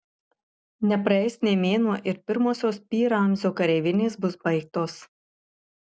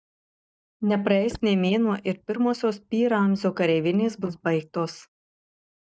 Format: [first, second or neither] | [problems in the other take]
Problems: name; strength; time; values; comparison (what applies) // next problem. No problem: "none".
first | noise reduction (neural mask model DeepFilterNet 3)